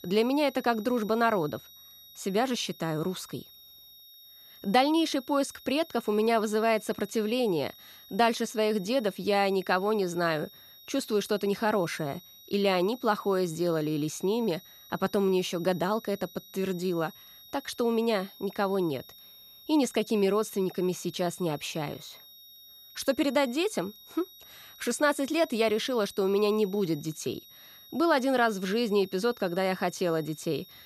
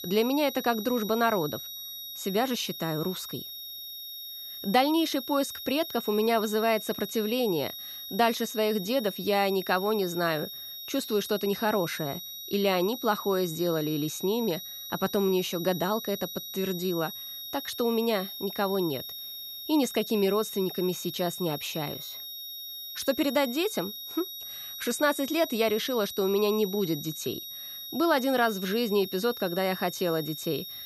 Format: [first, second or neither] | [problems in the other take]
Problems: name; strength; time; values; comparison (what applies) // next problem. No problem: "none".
first | high-pitched whine; loud; throughout; 3.5 kHz, 9 dB below the speech; faint in the first